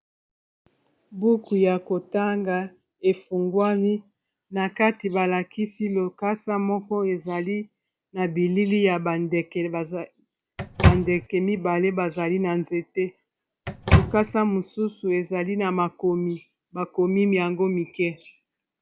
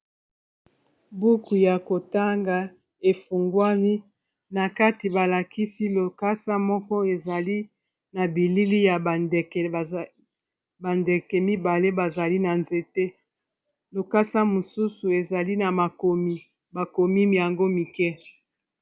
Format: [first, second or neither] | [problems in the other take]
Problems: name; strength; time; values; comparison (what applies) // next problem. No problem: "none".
second | background sound (Microwave oven); 3 dB above the speech